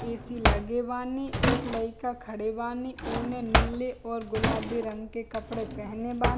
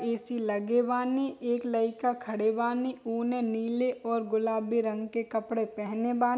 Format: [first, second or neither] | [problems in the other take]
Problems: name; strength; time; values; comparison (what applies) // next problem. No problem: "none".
second | background sound (Drawer open or close); 2 dB above the speech